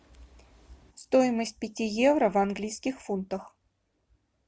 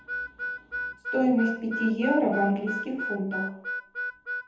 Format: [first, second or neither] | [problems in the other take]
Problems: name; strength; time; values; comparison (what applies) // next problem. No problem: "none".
first | background sound (Harmonica); 6 dB below the speech // room echo; dies away in 1 s